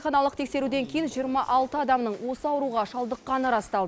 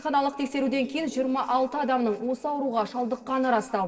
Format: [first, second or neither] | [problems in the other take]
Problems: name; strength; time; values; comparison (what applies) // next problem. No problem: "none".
first | noise reduction (neural separator model SepFormer DNS4)